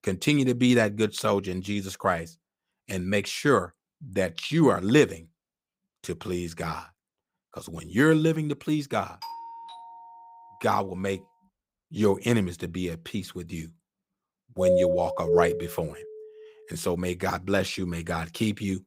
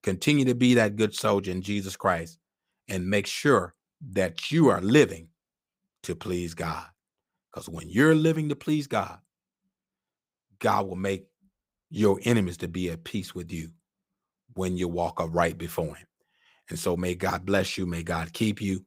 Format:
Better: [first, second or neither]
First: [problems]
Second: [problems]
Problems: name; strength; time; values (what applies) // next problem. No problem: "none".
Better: second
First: doorbell; faint; from 9 to 11 s; peak 15 dB below the speech // doorbell; loud; from 15 to 16 s; peak 5 dB above the speech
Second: none